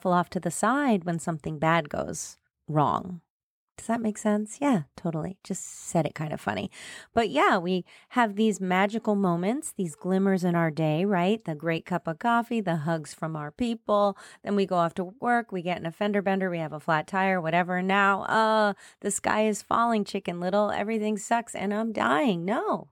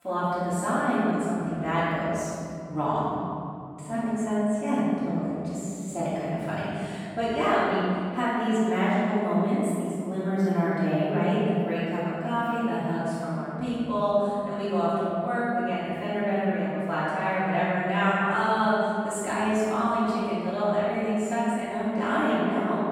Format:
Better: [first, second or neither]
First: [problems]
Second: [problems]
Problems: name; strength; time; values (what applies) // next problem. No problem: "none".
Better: first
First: none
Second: off-mic speech; far // room echo; strong; dies away in 2.7 s